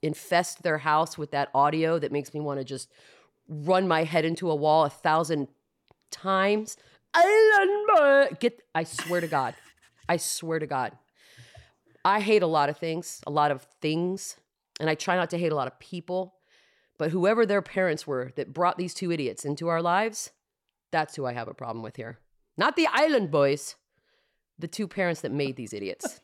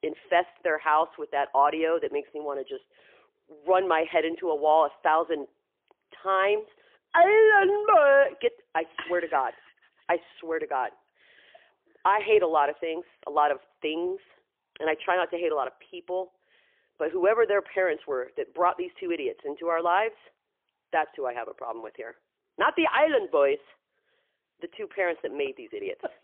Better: first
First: none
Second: phone-call audio; poor line; nothing above 3 kHz

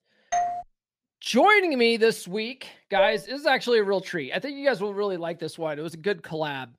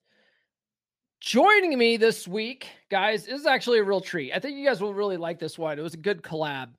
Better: second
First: doorbell; noticeable; at 0.5 s; peak 3 dB below the speech // clattering dishes; noticeable; at 3 s; peak 2 dB below the speech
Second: none

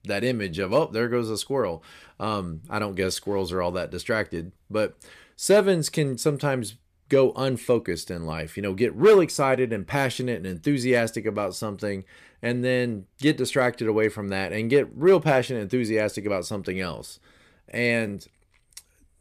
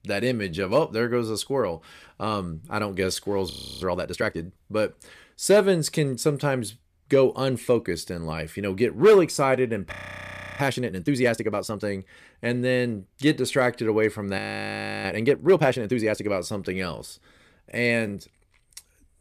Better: first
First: none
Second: audio freezing; at 3.5 s, at 10 s for 0.5 s and at 14 s for 0.5 s

